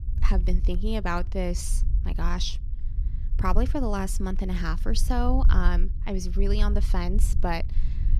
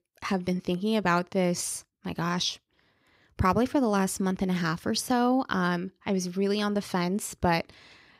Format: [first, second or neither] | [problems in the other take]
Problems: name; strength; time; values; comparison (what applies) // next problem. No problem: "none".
second | low rumble; noticeable; throughout; 15 dB below the speech